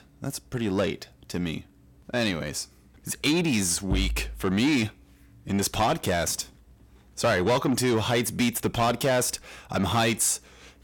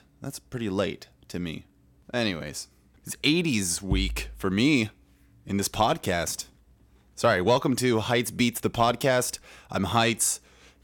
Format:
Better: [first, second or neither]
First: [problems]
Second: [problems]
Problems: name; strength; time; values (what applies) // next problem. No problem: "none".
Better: second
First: distortion; slight; 10 dB below the speech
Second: none